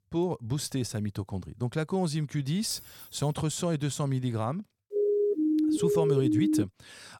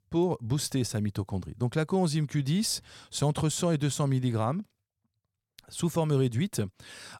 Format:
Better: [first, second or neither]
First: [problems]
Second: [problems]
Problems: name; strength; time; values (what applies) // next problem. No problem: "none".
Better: second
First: jangling keys; faint; at 2.5 s; peak 15 dB below the speech // siren; loud; from 5 to 6.5 s; peak 5 dB above the speech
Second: none